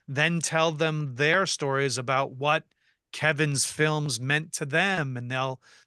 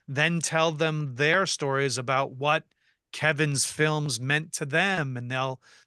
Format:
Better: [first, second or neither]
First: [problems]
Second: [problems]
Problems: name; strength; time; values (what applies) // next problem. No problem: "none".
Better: neither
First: none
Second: none